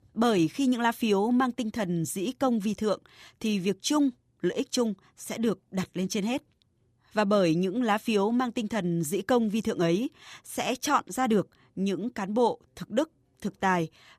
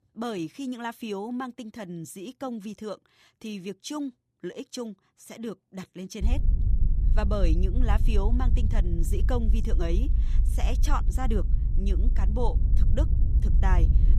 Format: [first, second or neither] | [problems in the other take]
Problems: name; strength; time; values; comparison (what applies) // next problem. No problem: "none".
first | low rumble; loud; from 6 s on; 9 dB below the speech